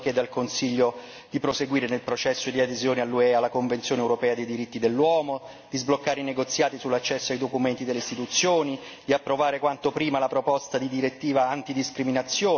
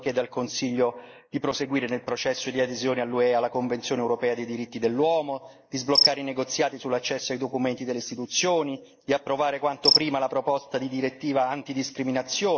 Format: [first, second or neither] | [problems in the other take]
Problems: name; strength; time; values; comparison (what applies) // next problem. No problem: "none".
first | noise reduction (neural mask model Resemble Enhance denoiser)